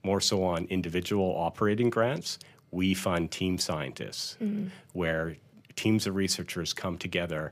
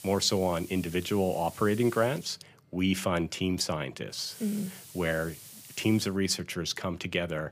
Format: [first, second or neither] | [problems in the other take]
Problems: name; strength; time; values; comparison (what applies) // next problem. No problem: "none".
first | hiss; noticeable; until 2 s and from 4 to 6 s; 15 dB below the speech